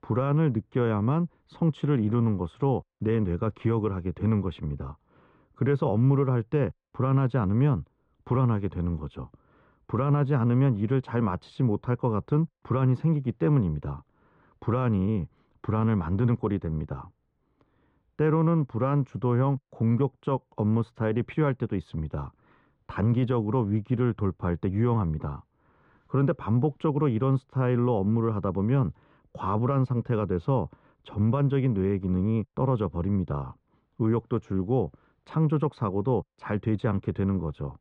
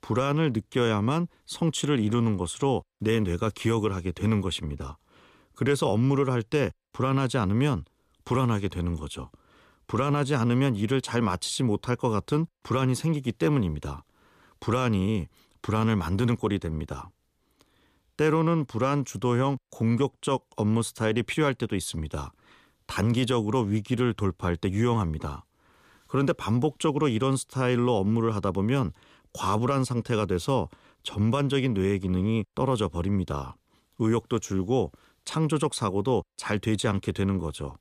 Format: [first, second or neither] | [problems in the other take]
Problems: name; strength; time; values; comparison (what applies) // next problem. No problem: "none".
second | muffled; very; fading above 1.5 kHz